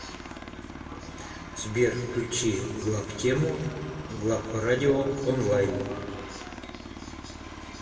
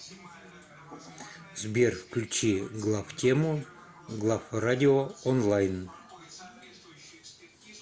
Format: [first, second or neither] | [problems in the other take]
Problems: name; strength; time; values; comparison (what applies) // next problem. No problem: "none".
second | background sound (Aircraft); 12 dB below the speech // room echo; dies away in 1.6 s